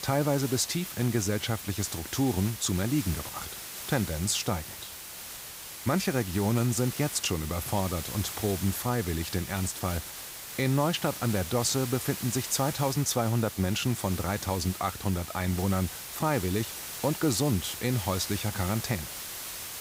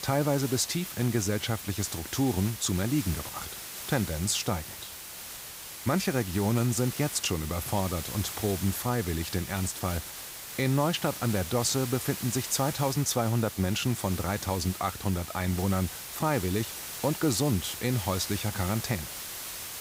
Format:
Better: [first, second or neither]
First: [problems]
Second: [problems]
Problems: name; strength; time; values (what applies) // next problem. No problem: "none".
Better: neither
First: hiss; loud; throughout; 8 dB below the speech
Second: hiss; loud; throughout; 8 dB below the speech